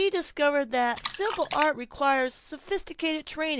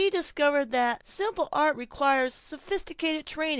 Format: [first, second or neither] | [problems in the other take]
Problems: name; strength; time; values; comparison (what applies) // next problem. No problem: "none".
second | background sound (Splash, splatter); 13 dB below the speech